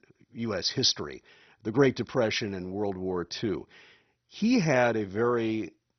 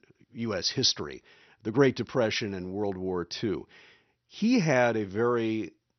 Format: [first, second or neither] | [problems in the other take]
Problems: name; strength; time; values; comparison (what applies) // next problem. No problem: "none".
second | garbled, watery; badly; nothing above 6 kHz; slightly in the second